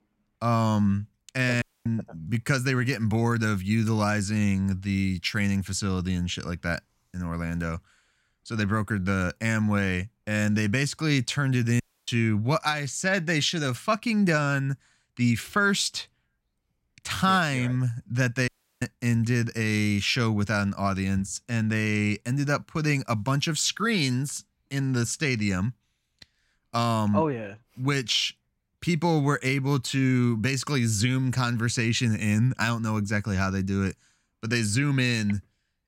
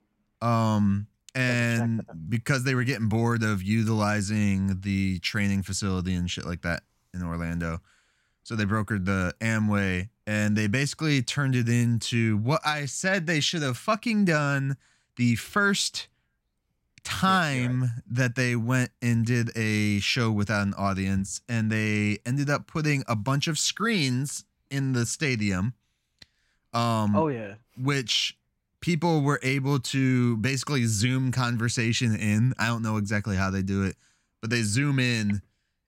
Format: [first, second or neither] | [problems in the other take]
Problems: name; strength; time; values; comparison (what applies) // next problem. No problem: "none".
second | audio cutting out; at 1.5 s, at 12 s and at 18 s